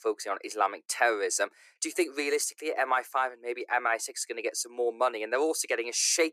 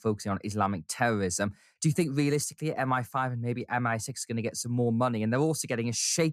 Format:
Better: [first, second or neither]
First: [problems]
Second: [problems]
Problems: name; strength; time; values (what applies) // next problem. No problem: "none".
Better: second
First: thin; very; fading below 350 Hz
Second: none